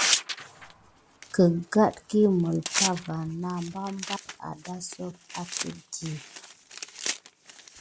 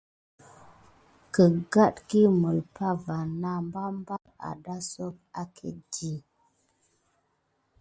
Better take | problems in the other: second | background sound (Tearing); 5 dB below the speech

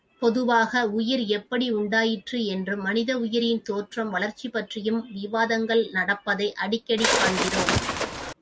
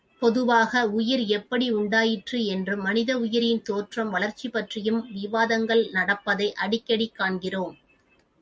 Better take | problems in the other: second | background sound (Bird); 1 dB above the speech

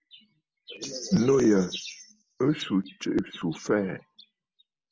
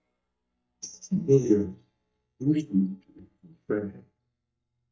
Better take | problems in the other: first | noise reduction (neural mask model DeepFilterNet 3)

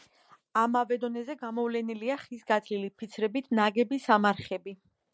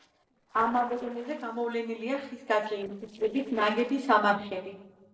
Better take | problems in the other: first | noise reduction (neural separator model SepFormer DNS4)

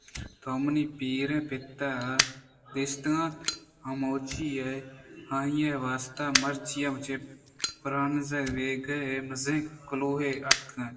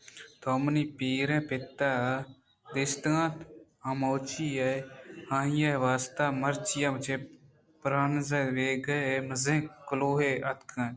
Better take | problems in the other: second | background sound (Fire); 6 dB below the speech // room echo; dies away in 1.2 s

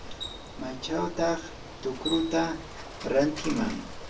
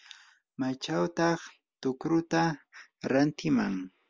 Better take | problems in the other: second | background sound (Bicycle); 9 dB below the speech // room echo; dies away in 0.3 s

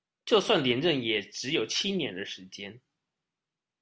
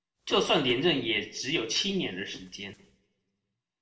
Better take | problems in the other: first | noise reduction (neural separator model SepFormer DNS4)

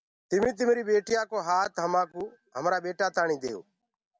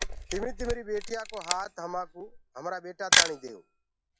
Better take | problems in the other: first | noise reduction (classical method log-MMSE)

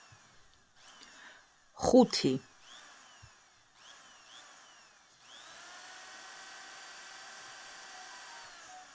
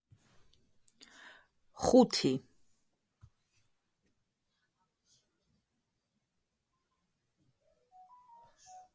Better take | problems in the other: second | background sound (Drill); 16 dB below the speech

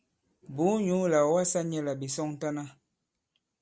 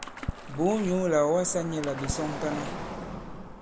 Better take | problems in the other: first | background sound (Car passing by + Water / Splash, splatter); 7 dB below the speech

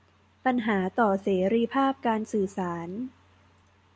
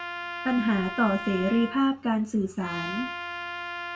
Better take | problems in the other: first | background sound (Trumpet); 8 dB below the speech // room echo; dies away in 0.2 s

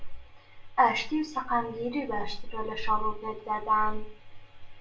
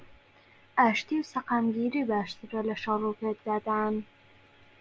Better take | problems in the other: second | room echo; dies away in 0.3 s

